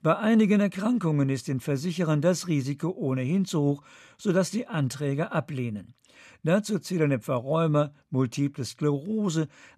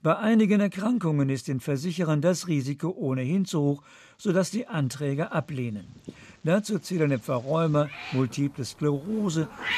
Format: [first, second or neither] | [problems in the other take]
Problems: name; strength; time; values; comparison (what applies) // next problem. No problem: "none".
first | animal sounds; noticeable; throughout; 20 dB below the speech